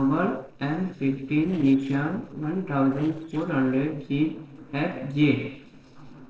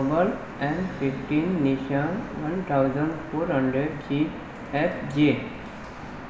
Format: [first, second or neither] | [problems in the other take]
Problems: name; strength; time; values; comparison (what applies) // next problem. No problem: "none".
second | noise reduction (neural separator model SepFormer DNS4)